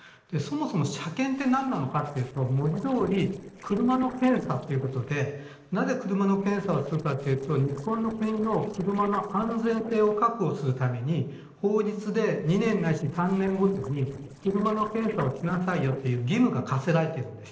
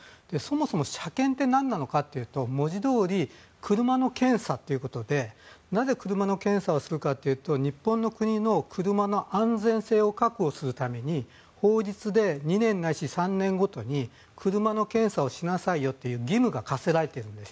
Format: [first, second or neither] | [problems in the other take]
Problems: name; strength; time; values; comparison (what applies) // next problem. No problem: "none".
second | noise reduction (neural separator model SepFormer DNS4)